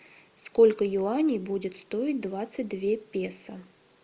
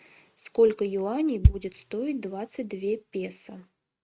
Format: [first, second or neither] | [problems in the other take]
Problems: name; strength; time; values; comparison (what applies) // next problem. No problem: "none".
first | noise reduction (neural mask model RNNoise)